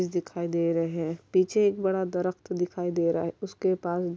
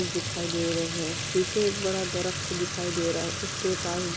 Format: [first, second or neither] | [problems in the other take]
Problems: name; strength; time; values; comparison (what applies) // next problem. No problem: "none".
first | background sound (Fill (with liquid) / Trickle, dribble / Sink (filling or washing)); 2 dB below the speech